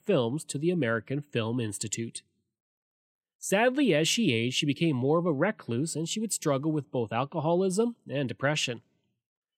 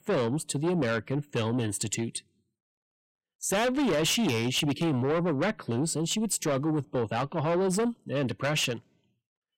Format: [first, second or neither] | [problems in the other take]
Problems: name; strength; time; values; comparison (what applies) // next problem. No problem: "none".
first | distortion; heavy; 7 dB below the speech